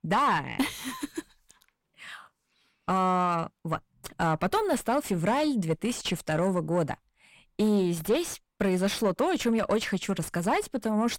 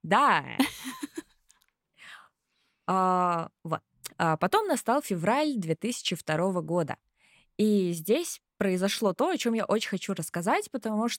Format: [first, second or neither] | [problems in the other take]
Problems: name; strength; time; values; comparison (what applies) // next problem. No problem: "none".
second | distortion; slight; 9 dB below the speech